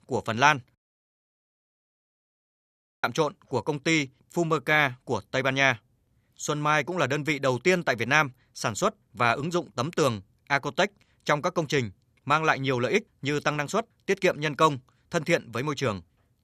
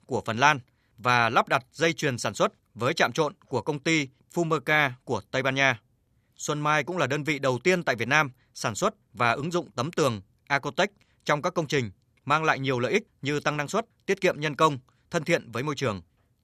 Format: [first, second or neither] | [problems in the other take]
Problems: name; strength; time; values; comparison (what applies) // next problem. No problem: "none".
second | audio cutting out; at 1 s for 2.5 s